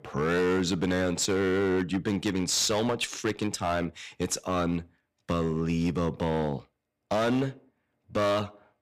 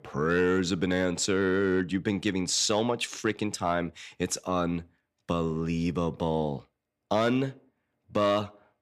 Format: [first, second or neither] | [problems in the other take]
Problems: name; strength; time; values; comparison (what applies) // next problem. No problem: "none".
second | distortion; slight; 9% of the sound clipped